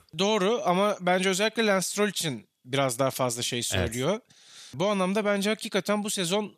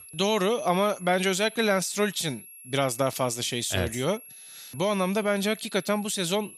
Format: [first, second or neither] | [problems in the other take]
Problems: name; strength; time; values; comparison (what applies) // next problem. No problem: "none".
first | high-pitched whine; noticeable; throughout; 11.5 kHz, 15 dB below the speech